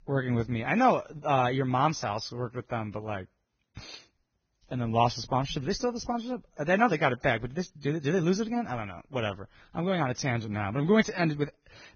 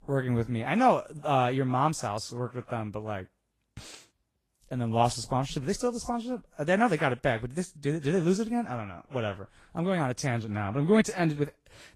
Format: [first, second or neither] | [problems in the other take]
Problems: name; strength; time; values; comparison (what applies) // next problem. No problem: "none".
second | garbled, watery; badly; nothing above 6.5 kHz; slightly in the second